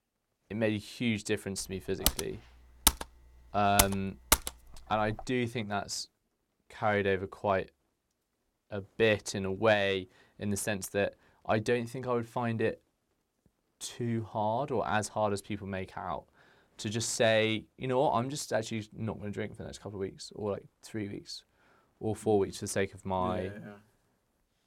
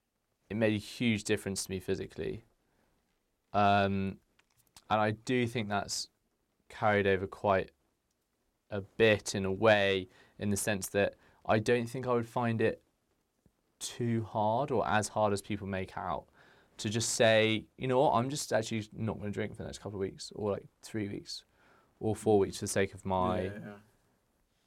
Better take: second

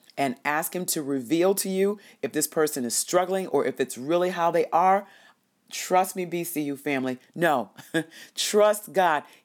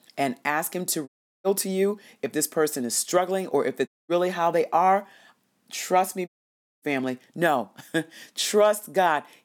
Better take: first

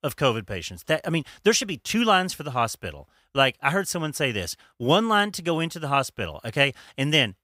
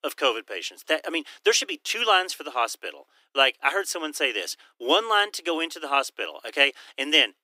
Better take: first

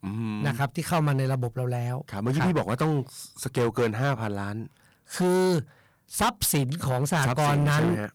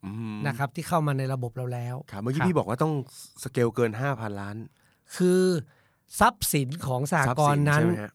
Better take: second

